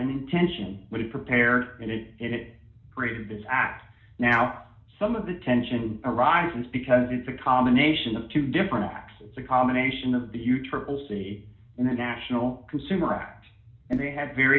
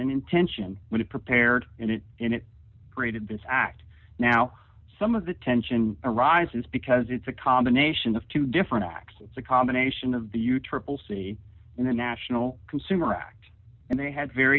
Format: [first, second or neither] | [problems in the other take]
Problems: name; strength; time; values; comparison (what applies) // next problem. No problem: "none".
second | room echo; dies away in 0.4 s